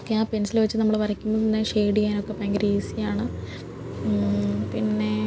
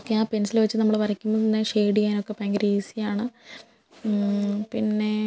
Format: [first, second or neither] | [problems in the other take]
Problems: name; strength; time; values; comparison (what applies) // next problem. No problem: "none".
second | background sound (Car passing by); 10 dB below the speech